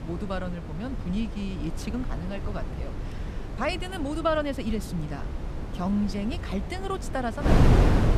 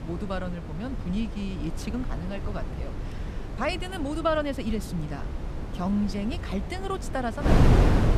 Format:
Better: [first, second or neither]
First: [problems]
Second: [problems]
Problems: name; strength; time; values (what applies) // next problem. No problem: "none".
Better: neither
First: wind noise on the microphone; heavy; 4 dB below the speech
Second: wind noise on the microphone; heavy; 4 dB below the speech